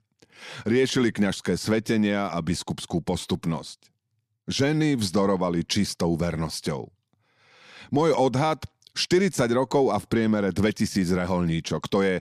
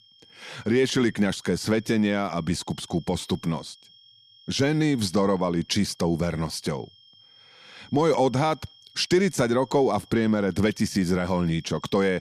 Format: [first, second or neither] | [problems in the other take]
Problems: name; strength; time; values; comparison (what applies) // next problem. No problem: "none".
first | high-pitched whine; faint; throughout; 3 kHz, 25 dB below the speech